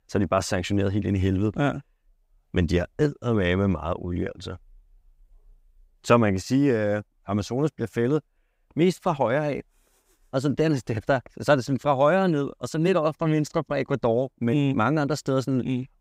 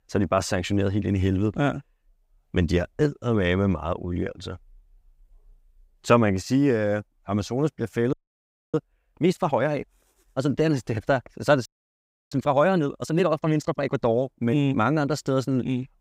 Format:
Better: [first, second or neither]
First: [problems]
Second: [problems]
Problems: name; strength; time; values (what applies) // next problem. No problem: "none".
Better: first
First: none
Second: audio freezing; at 8 s for 0.5 s and at 12 s for 0.5 s